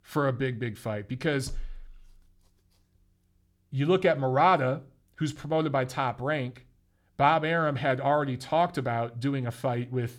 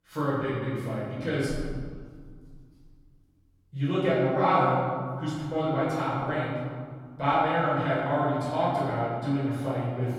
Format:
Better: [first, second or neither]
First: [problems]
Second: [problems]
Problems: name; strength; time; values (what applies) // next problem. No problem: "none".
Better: first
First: none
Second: room echo; strong; dies away in 1.8 s // off-mic speech; far